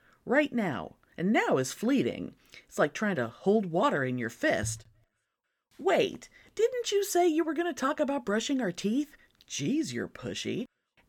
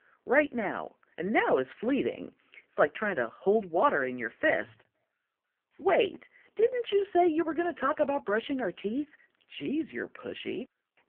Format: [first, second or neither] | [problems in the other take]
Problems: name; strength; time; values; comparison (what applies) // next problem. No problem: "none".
first | phone-call audio; poor line